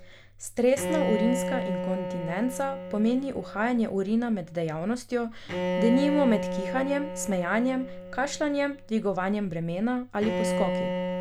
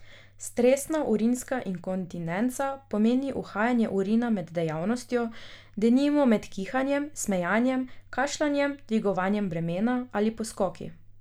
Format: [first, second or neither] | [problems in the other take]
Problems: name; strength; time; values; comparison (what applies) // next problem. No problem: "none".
second | background sound (Bowed string instrument); 5 dB below the speech